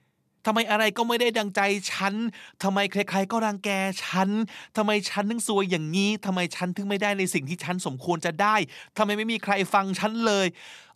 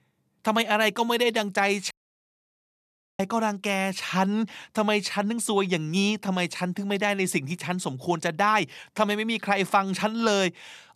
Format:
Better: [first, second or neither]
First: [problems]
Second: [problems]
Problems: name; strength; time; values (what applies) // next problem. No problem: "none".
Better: first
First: none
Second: audio cutting out; at 2 s for 1.5 s